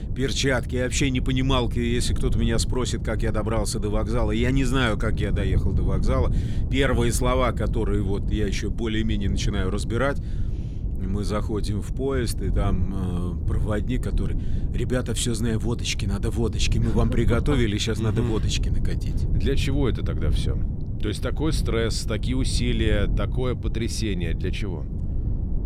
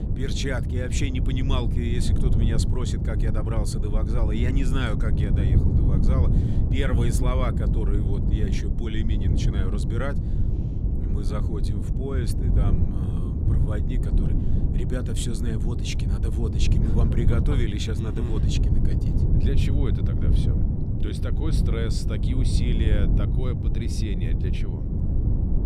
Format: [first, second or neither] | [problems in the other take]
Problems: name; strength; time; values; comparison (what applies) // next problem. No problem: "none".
first | wind noise on the microphone; heavy; 2 dB below the speech; occasional gusts in the first